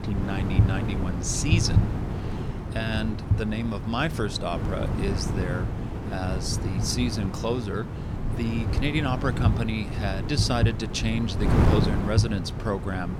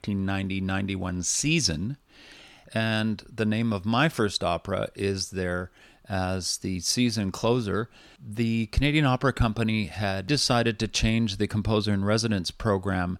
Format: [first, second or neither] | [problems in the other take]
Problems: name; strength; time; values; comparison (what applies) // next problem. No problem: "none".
second | wind noise on the microphone; heavy; 5 dB below the speech